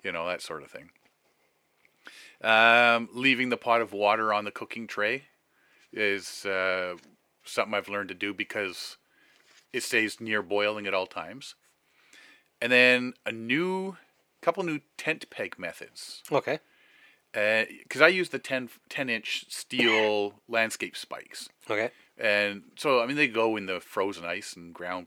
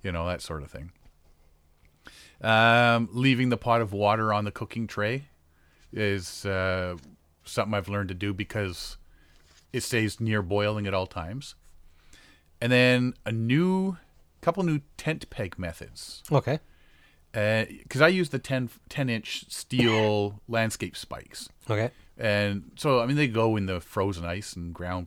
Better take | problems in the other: second | thin; somewhat; fading below 350 Hz

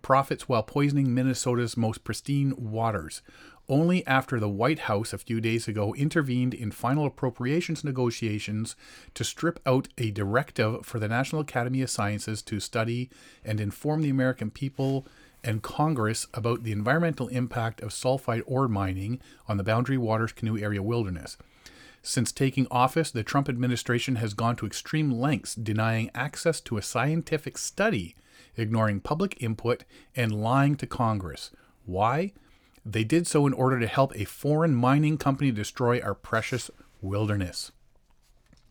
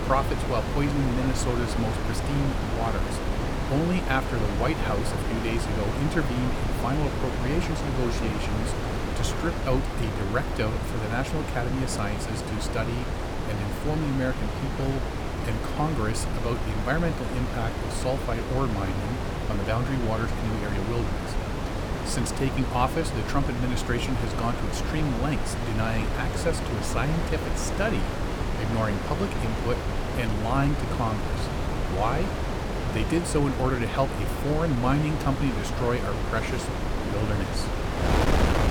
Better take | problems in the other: first | wind noise on the microphone; heavy; 1 dB below the speech

